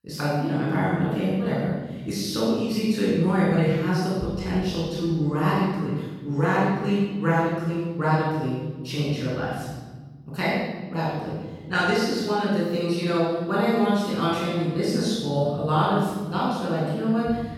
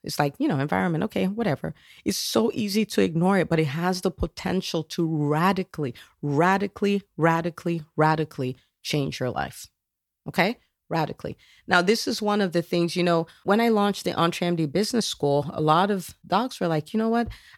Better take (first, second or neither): second